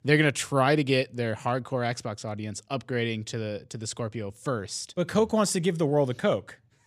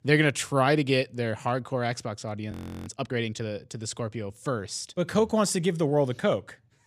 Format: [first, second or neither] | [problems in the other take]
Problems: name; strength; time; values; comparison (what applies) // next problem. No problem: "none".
first | audio freezing; at 2.5 s